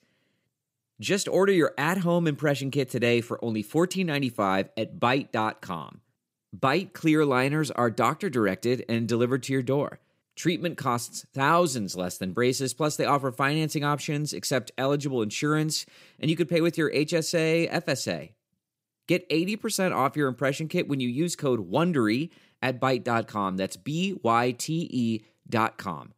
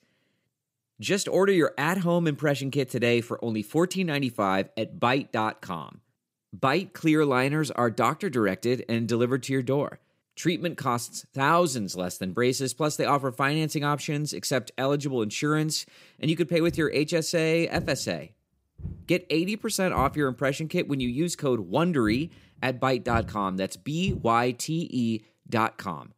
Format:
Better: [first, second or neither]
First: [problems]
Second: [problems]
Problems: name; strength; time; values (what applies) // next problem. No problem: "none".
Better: first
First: none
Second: footsteps; noticeable; from 17 to 24 s; peak 9 dB below the speech